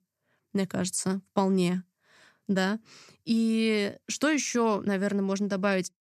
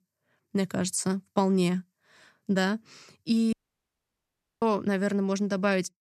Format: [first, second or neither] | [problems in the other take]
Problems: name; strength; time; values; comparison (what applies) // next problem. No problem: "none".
first | audio cutting out; at 3.5 s for 1 s